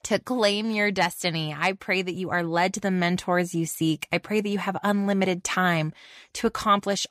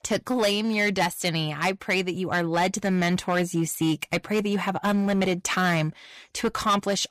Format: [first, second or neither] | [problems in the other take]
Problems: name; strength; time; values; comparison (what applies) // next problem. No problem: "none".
first | distortion; slight; 8% of the sound clipped